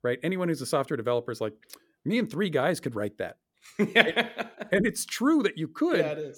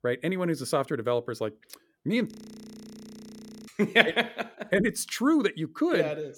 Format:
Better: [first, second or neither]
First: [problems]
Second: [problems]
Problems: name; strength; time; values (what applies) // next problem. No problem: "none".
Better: first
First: none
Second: audio freezing; at 2.5 s for 1.5 s